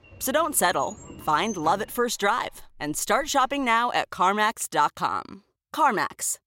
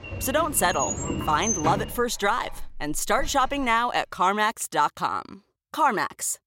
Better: first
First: household noises; faint; until 3.5 s; 20 dB below the speech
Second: household noises; loud; until 3.5 s; 6 dB below the speech

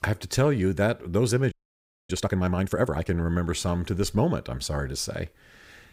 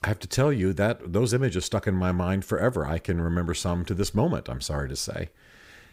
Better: second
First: audio freezing; at 1.5 s for 0.5 s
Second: none

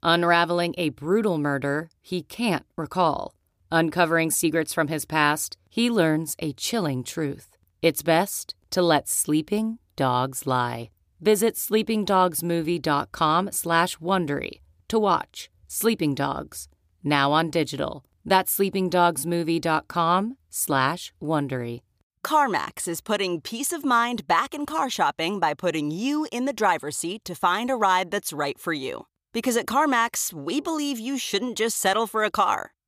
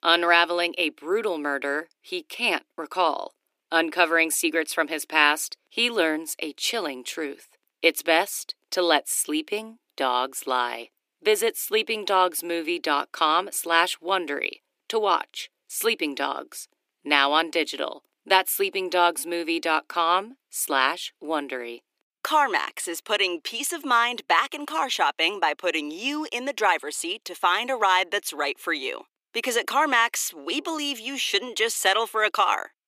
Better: first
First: none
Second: thin; somewhat; fading below 300 Hz

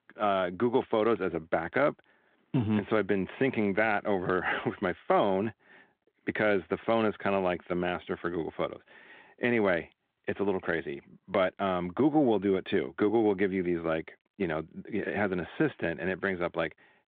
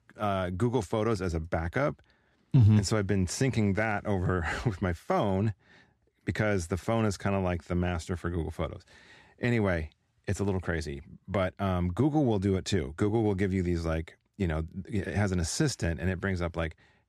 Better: second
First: phone-call audio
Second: none

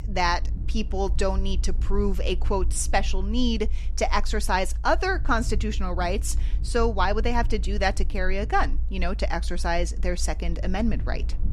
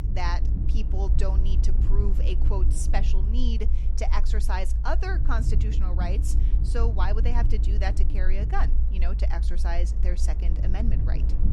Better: first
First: low rumble; faint; throughout; 25 dB below the speech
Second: low rumble; loud; throughout; 9 dB below the speech

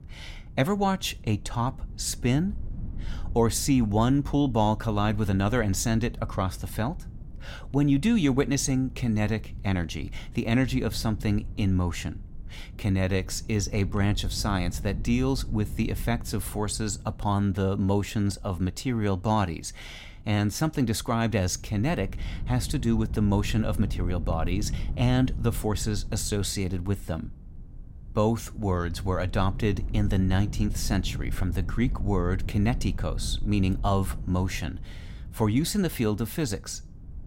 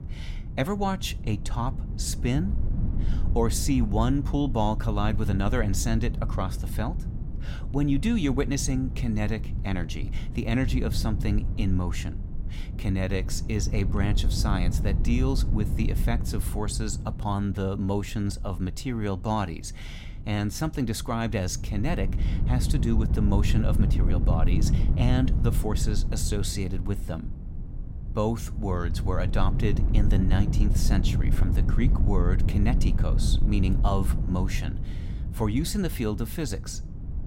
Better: first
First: wind noise on the microphone; occasional gusts; 20 dB below the speech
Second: wind noise on the microphone; heavy; 10 dB below the speech

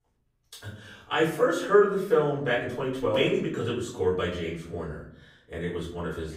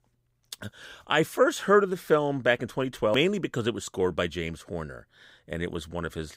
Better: second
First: off-mic speech; far // room echo; noticeable; dies away in 0.6 s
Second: none

